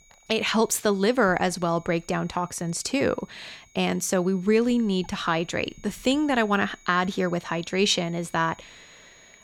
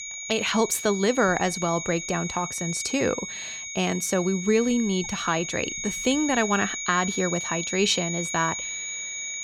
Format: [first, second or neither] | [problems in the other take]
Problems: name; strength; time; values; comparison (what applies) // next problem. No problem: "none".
first | high-pitched whine; loud; throughout; 6.5 kHz, 5 dB below the speech; faint in the first